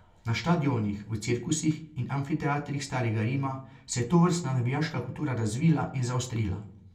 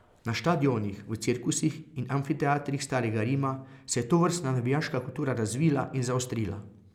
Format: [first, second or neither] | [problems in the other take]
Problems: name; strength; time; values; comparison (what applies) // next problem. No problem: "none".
second | room echo; dies away in 0.2 s